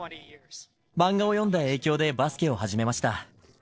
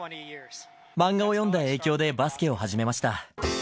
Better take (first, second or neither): second